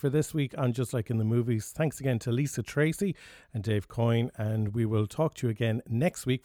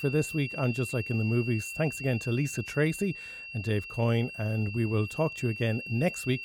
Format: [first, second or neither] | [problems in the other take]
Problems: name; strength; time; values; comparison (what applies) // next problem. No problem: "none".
first | high-pitched whine; loud; throughout; 2.5 kHz, 8 dB below the speech